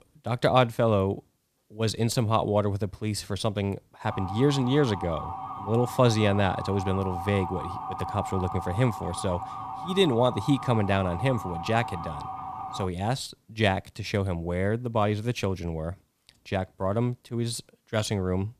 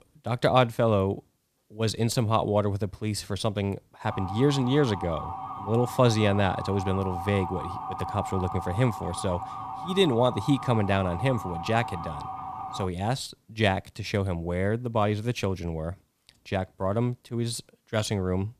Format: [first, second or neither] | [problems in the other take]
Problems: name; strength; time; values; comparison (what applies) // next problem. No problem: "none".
neither | siren; noticeable; from 4 to 13 s; peak 7 dB below the speech; the same in both